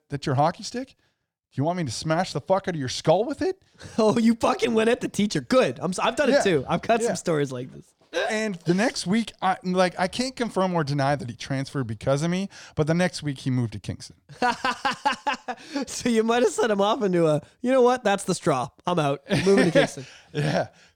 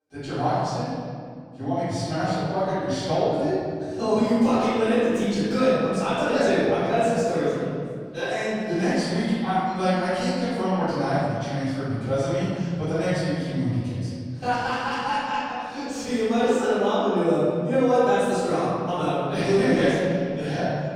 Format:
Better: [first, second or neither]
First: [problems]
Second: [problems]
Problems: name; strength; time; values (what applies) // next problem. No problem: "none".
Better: first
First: none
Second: off-mic speech; far // room echo; strong; dies away in 2.2 s